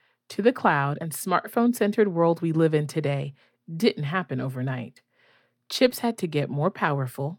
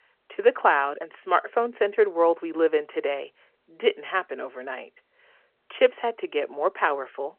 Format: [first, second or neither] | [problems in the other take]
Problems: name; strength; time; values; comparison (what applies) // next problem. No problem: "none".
first | phone-call audio